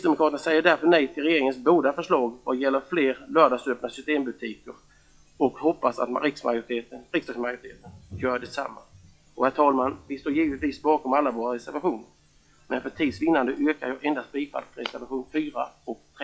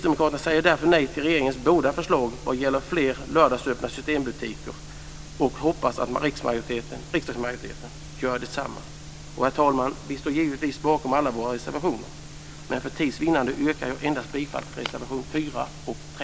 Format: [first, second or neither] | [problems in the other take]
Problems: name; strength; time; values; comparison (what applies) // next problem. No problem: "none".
second | noise reduction (classical method log-MMSE)